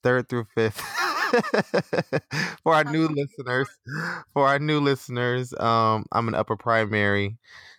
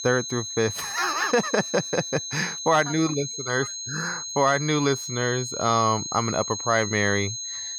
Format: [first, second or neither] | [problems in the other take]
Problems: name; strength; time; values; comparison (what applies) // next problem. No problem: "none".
first | high-pitched whine; loud; throughout; 6.5 kHz, 6 dB below the speech